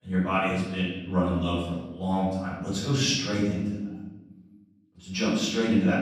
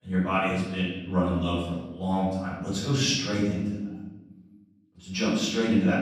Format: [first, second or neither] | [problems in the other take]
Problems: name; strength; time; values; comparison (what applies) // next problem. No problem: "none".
neither | off-mic speech; far; the same in both // room echo; strong; dies away in 1.2 s; the same in both